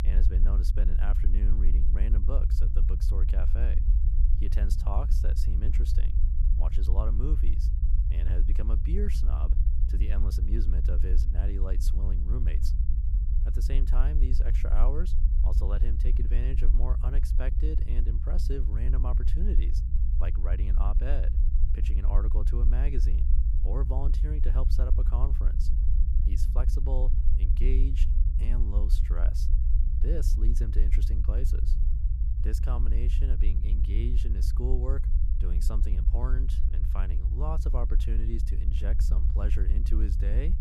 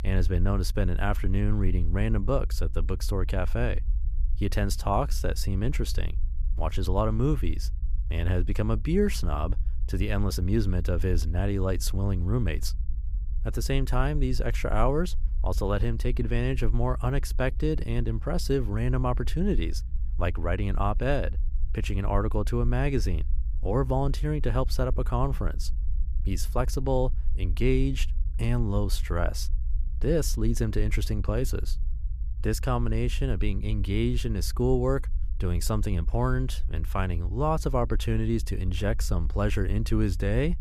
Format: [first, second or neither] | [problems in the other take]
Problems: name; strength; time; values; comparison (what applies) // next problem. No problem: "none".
second | low rumble; loud; throughout; 5 dB below the speech; faint in the second